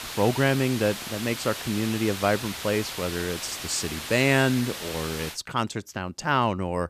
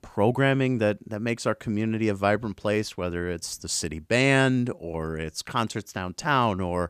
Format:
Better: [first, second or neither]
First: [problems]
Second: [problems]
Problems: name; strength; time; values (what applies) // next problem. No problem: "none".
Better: second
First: hiss; loud; until 5.5 s; 7 dB below the speech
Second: none